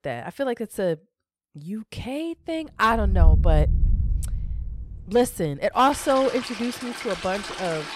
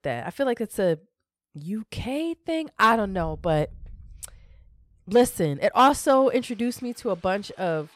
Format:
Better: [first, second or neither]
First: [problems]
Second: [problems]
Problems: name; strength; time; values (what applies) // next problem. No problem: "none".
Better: second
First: rain or running water; loud; from 3 s on; 1 dB below the speech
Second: rain or running water; faint; from 3 s on; 25 dB below the speech